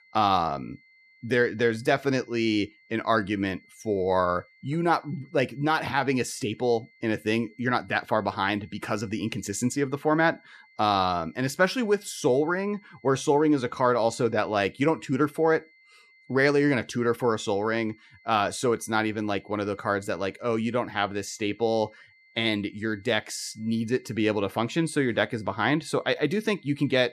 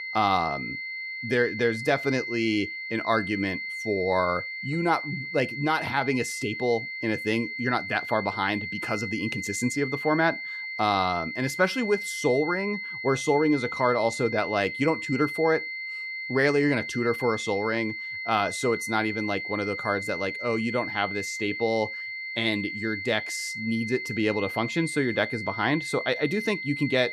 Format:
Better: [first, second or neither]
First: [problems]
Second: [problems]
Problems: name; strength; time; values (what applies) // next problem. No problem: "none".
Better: first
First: high-pitched whine; faint; throughout; 2 kHz, 30 dB below the speech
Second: high-pitched whine; loud; throughout; 2 kHz, 5 dB below the speech